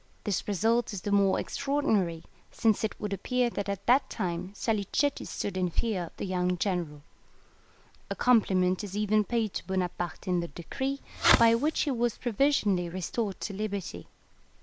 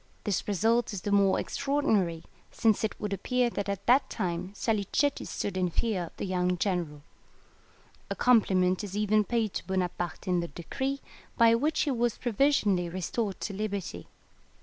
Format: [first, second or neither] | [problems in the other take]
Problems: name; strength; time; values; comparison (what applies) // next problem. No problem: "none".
second | background sound (Fireworks); as loud as the speech